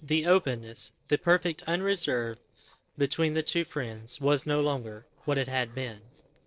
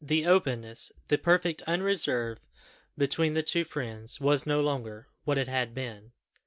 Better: second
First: noise reduction (neural separator model SepFormer DNS4)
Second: none

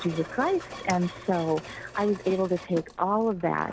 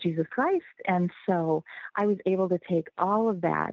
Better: second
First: background sound (Mechanisms); 14 dB below the speech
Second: none

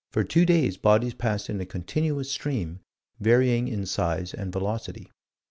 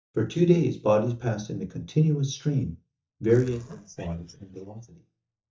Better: first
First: none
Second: noise reduction (neural mask model DeepFilterNet 3)

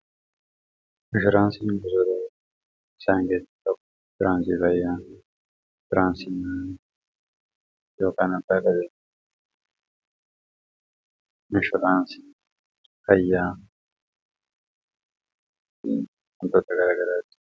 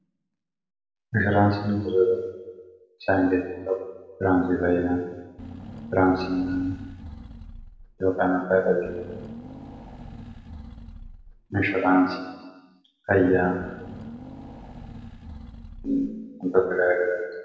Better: first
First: none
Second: background sound (Engine / Car); 14 dB below the speech // room echo; dies away in 1.3 s

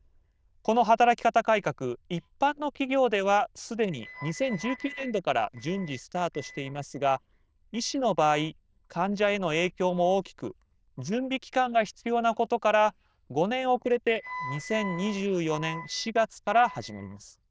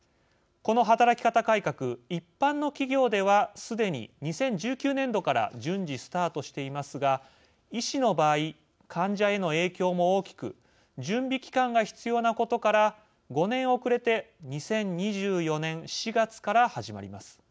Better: second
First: noise reduction (neural diffusion model UNIVERSE++)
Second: none

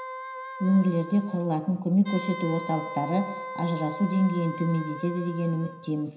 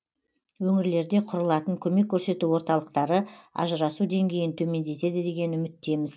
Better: second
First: background sound (Wind instrument, woodwind instrument); 11 dB below the speech // room echo; dies away in 0.9 s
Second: none

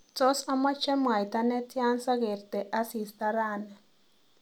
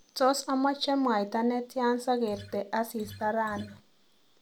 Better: first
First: none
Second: background sound (Acoustic guitar); 18 dB below the speech

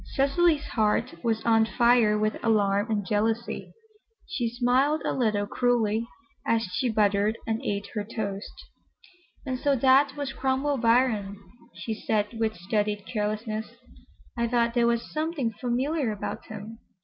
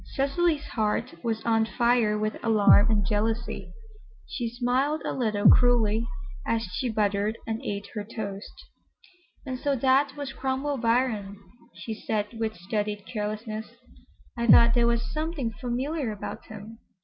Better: first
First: none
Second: background sound (Bass drum); 4 dB above the speech

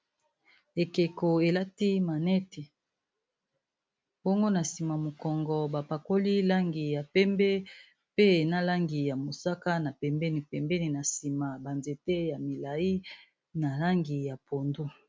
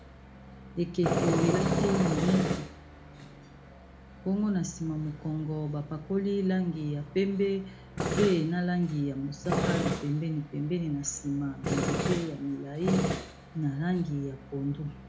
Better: first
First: none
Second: background sound (Tools); 3 dB below the speech // room echo; dies away in 0.3 s

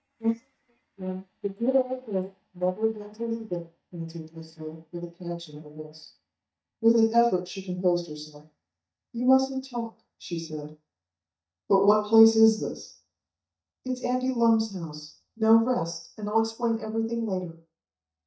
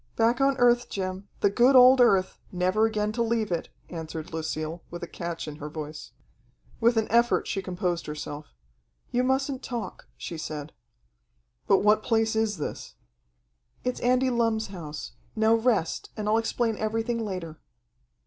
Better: second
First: noise reduction (neural mask model DeepFilterNet 3)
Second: none

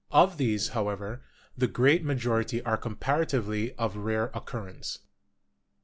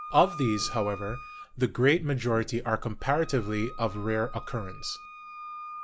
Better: first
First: none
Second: background sound (Wind instrument, woodwind instrument); 15 dB below the speech

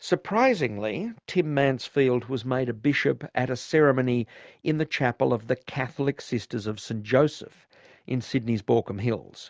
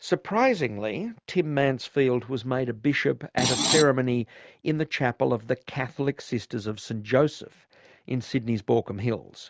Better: first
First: none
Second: background sound (Screech); 1 dB above the speech

